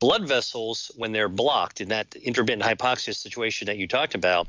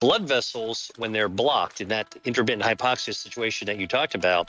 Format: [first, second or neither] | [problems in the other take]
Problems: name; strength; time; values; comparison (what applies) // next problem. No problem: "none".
first | noise reduction (neural mask model RNNoise)